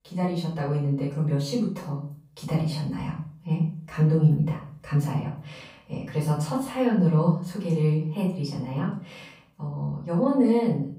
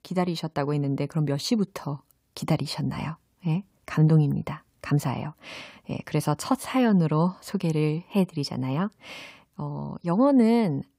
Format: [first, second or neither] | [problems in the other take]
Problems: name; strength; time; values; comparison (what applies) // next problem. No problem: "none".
second | room echo; noticeable; dies away in 0.5 s // off-mic speech; far